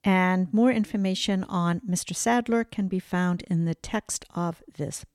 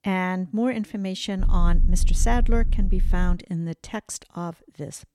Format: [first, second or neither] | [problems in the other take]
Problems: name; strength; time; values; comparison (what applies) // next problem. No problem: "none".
first | low rumble; noticeable; from 1.5 to 3.5 s; 15 dB below the speech